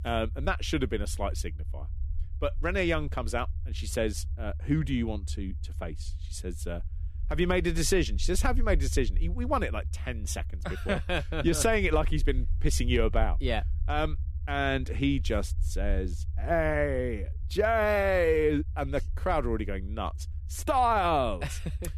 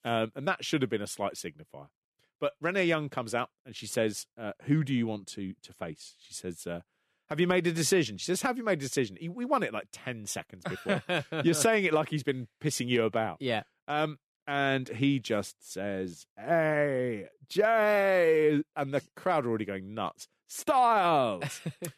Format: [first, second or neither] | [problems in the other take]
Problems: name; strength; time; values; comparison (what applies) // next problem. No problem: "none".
second | low rumble; faint; throughout; 25 dB below the speech